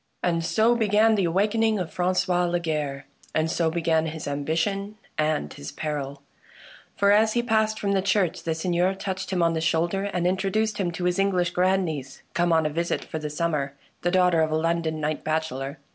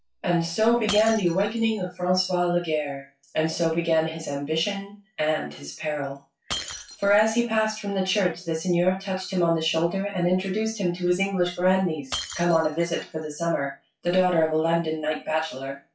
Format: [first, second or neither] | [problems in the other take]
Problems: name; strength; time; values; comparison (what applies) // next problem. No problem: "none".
first | noise reduction (classical method WPE with log-MMSE)